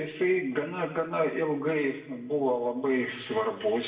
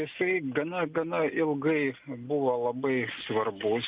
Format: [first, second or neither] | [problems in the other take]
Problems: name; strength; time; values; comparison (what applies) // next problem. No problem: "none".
second | room echo; dies away in 0.8 s